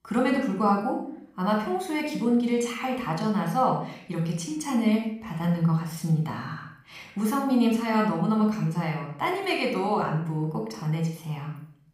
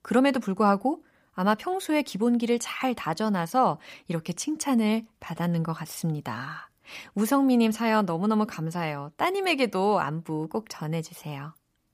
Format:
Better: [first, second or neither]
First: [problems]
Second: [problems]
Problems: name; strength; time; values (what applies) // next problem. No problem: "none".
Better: second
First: off-mic speech; somewhat distant // room echo; noticeable; dies away in 0.6 s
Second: none